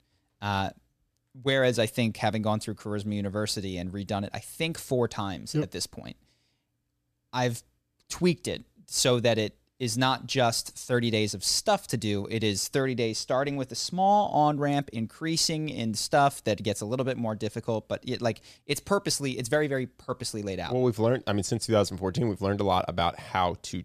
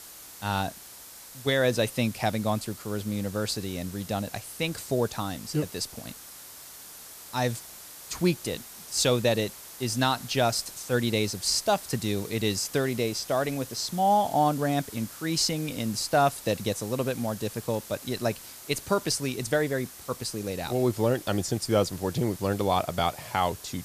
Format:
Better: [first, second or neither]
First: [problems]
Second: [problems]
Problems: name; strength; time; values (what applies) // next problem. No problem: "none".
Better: first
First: none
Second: hiss; noticeable; throughout; 15 dB below the speech